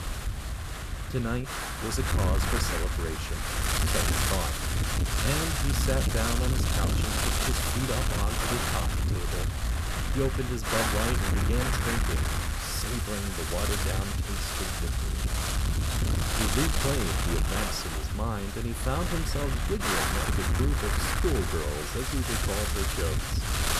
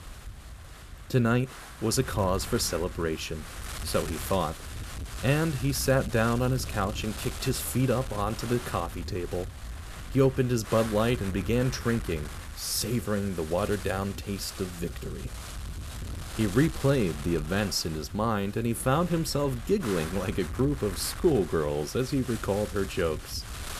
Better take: second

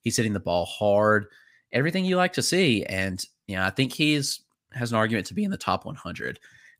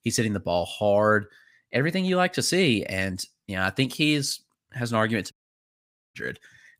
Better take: first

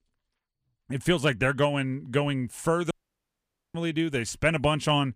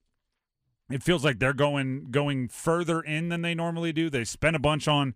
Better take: second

